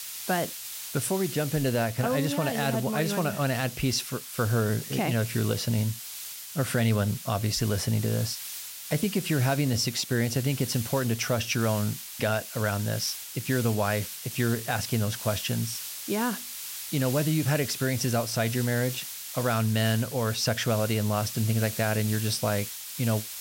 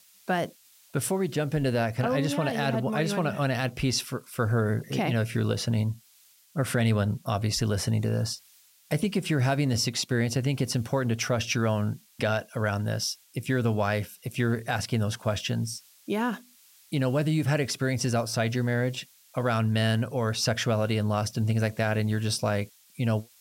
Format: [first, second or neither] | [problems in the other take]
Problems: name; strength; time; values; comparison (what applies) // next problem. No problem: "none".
second | hiss; loud; throughout; 8 dB below the speech; faint in the second